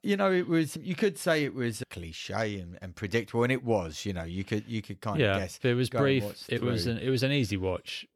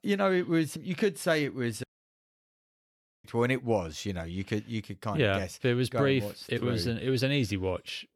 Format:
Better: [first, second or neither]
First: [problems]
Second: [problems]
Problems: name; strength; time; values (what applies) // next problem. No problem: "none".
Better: first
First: none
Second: audio cutting out; at 2 s for 1.5 s